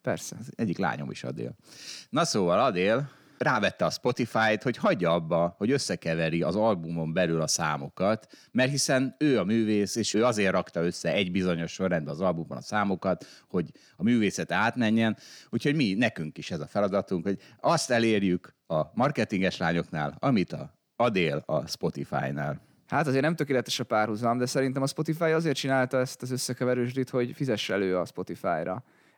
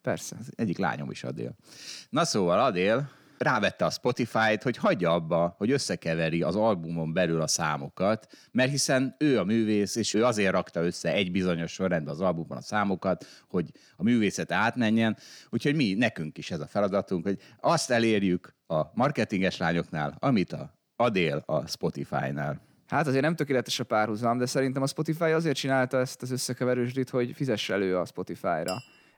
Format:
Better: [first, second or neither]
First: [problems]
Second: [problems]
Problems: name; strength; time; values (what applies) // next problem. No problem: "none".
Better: first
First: none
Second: clattering dishes; faint; at 29 s; peak 15 dB below the speech